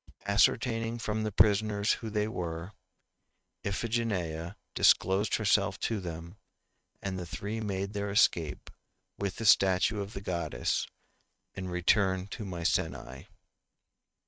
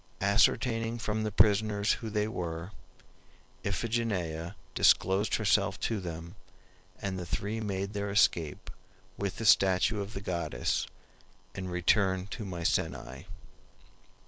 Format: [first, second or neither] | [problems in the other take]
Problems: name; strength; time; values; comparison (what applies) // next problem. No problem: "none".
second | noise reduction (neural mask model RNNoise)